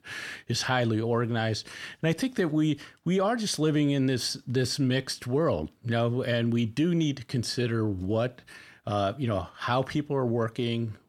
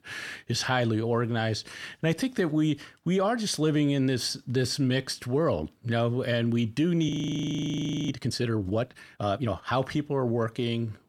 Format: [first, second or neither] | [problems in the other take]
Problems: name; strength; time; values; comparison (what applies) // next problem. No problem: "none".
first | audio freezing; at 7 s for 1 s